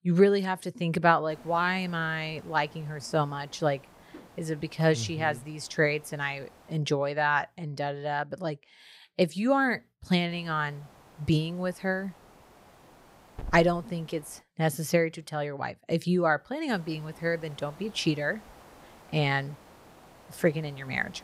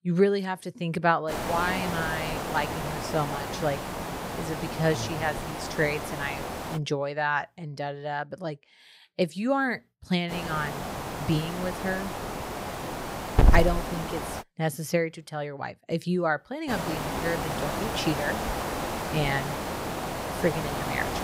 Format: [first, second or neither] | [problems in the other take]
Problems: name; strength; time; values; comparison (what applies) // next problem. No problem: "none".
first | hiss; loud; from 1.5 to 7 s, from 10 to 14 s and from 17 s on; 2 dB below the speech; faint in the first